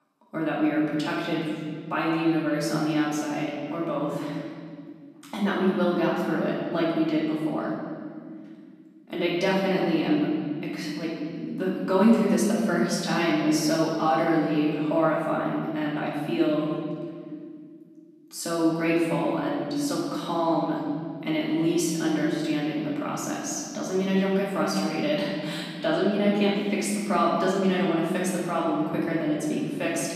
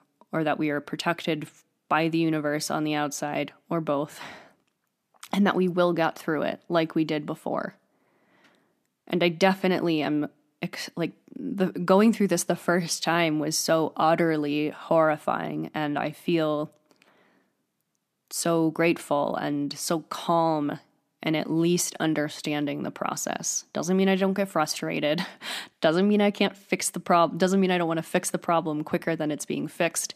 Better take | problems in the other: second | off-mic speech; far // room echo; strong; dies away in 2.2 s

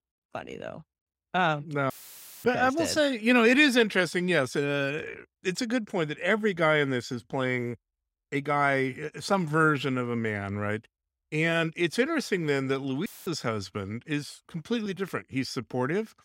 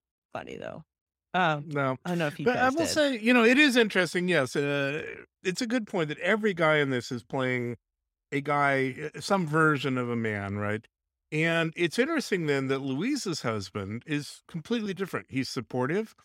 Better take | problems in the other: second | audio cutting out; filled with static; at 2 s for 0.5 s and at 13 s

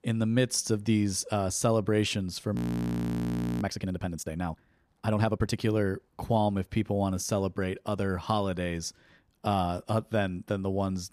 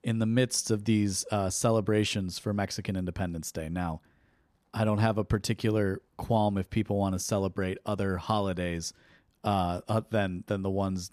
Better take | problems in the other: second | audio freezing; at 2.5 s for 1 s

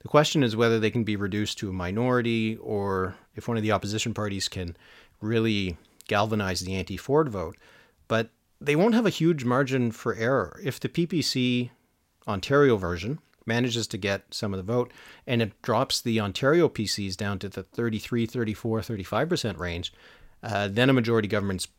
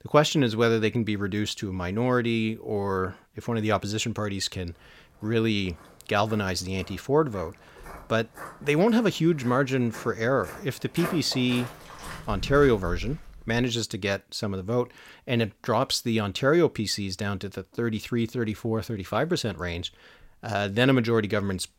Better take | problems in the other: first | footsteps; noticeable; from 6.5 to 14 s; peak 8 dB below the speech

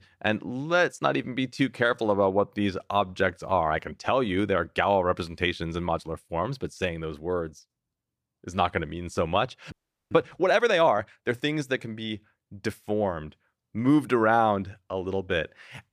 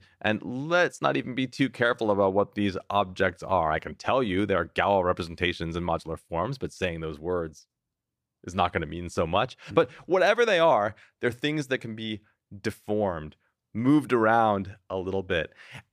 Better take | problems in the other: second | audio freezing; at 9.5 s

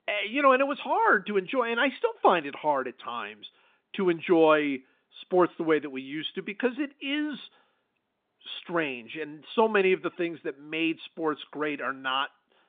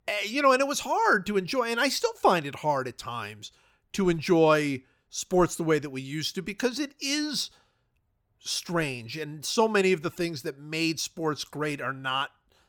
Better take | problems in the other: second | phone-call audio

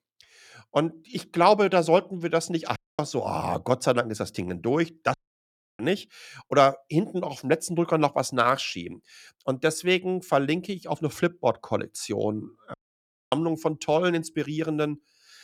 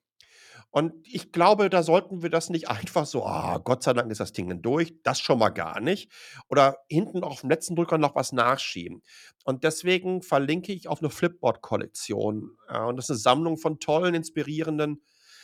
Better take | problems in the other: second | audio cutting out; at 3 s, at 5 s for 0.5 s and at 13 s for 0.5 s

